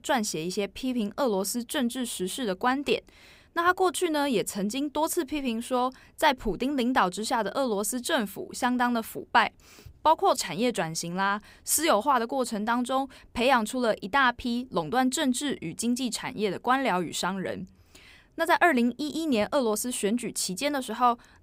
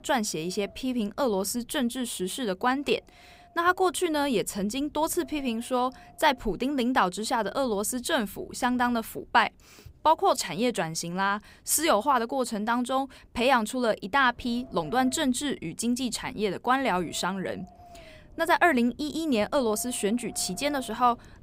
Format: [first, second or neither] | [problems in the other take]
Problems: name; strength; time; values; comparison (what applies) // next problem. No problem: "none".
first | wind noise on the microphone; occasional gusts; 25 dB below the speech